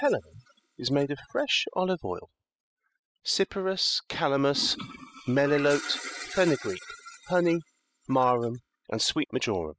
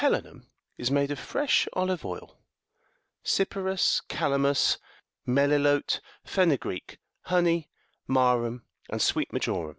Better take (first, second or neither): second